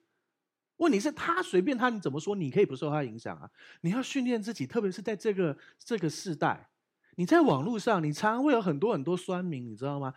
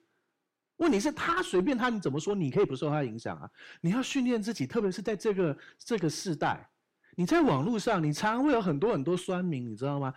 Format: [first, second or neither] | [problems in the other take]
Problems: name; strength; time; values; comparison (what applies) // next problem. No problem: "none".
first | distortion; slight; 10 dB below the speech